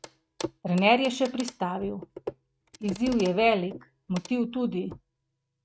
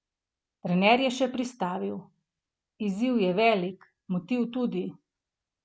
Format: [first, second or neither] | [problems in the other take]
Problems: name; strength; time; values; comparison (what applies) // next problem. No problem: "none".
second | noise reduction (neural mask model RNNoise)